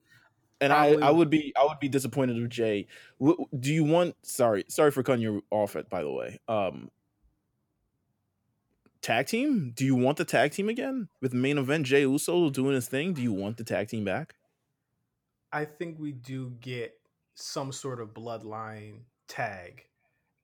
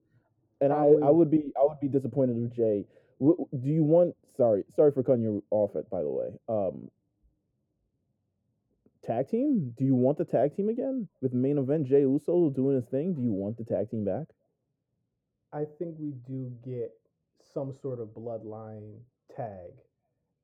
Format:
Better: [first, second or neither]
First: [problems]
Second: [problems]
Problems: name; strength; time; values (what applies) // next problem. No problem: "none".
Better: first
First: none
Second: muffled; very; fading above 1 kHz